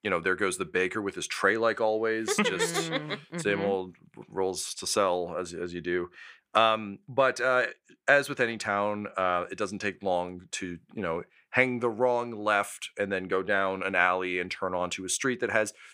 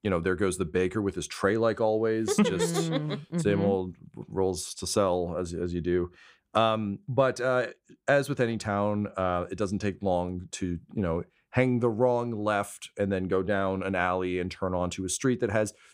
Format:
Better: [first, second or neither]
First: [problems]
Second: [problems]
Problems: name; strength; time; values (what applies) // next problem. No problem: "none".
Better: second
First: thin; somewhat; fading below 900 Hz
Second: none